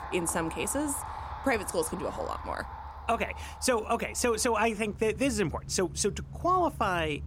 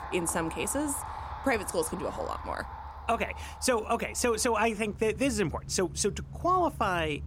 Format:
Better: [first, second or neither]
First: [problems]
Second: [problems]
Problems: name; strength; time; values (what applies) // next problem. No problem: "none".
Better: neither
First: traffic noise; noticeable; throughout; 10 dB below the speech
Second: traffic noise; noticeable; throughout; 10 dB below the speech